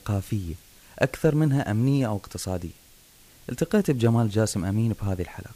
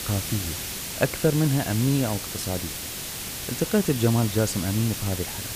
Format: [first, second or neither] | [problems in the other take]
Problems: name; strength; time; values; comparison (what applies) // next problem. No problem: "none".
first | hiss; loud; throughout; 5 dB below the speech; faint in the first